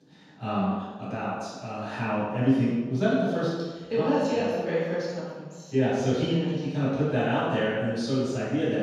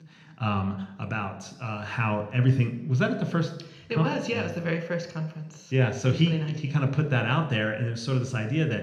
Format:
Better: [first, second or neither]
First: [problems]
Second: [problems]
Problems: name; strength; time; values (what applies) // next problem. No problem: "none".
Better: second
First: room echo; strong; dies away in 1.2 s // off-mic speech; far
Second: room echo; slight; dies away in 0.8 s